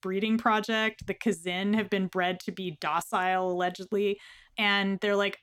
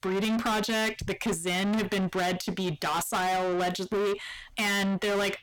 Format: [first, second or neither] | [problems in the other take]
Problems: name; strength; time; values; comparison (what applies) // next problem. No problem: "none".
first | distortion; heavy; 6 dB below the speech